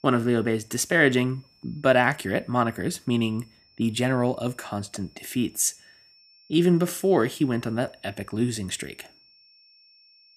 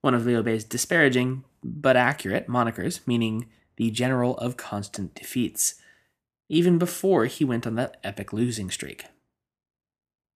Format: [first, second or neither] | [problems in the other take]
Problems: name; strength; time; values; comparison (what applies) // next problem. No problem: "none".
second | high-pitched whine; faint; throughout; 5.5 kHz, 30 dB below the speech